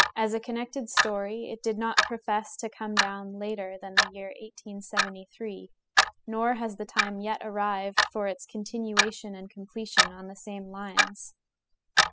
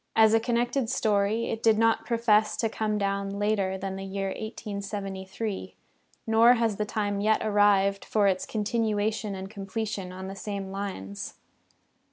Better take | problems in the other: second | noise reduction (classical method spectral subtraction)

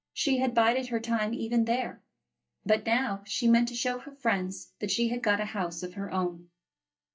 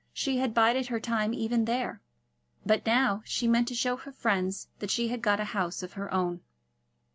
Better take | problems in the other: second | noise reduction (neural mask model DeepFilterNet 3)

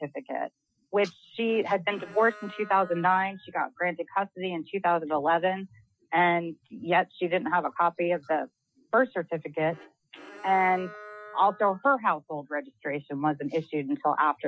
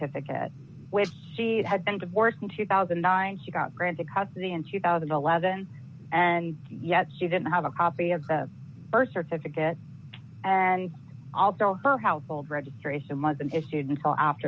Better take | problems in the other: second | noise reduction (classical method Wiener filter)

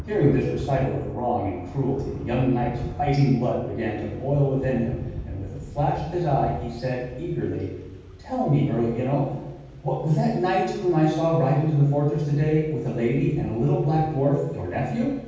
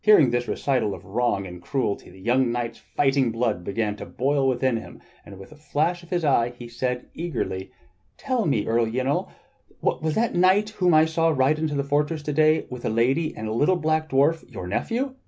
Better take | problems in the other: second | background sound (Thunder / Rain); 15 dB below the speech // room echo; dies away in 1.2 s

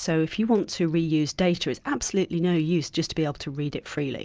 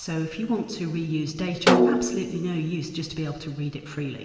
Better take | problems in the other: first | background sound (Snare drum); 4 dB above the speech // room echo; dies away in 2.9 s

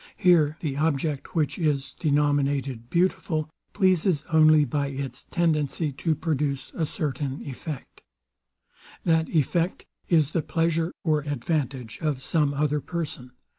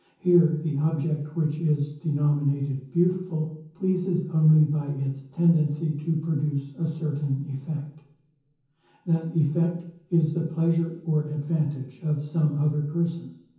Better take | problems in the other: first | room echo; dies away in 0.7 s

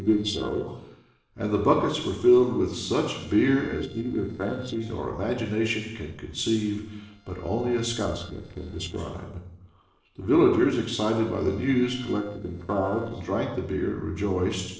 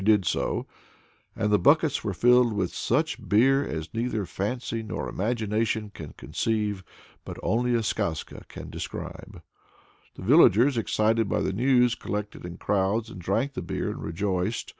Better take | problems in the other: second | noise reduction (neural separator model SepFormer DNS4)

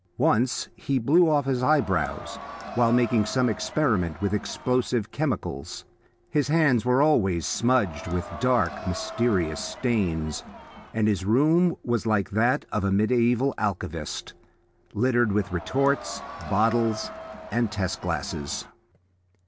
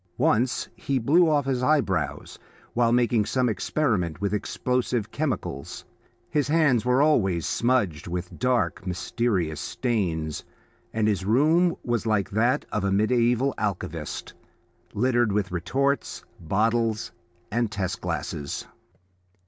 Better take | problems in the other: second | background sound (Crowd); 14 dB below the speech

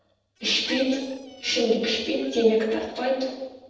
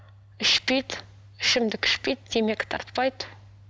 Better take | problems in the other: second | noise reduction (neural separator model SepFormer DNS4)

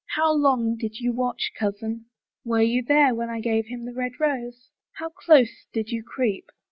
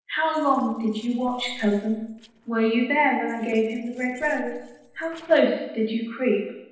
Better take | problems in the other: first | noise reduction (neural separator model SepFormer DNS4)

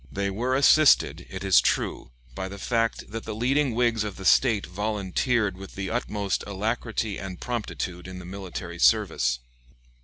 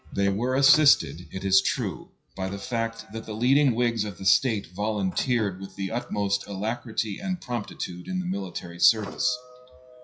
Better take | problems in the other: first | noise reduction (classical method WPE with log-MMSE)

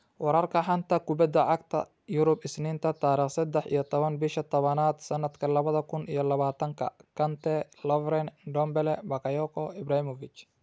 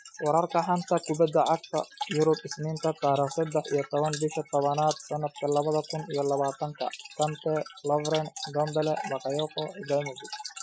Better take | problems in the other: first | noise reduction (classical method Wiener filter)

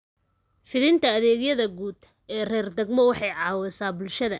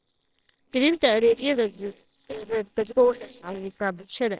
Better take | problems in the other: first | noise reduction (neural separator model SepFormer WHAMR!)

